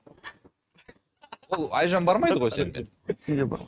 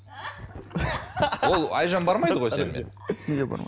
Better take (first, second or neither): second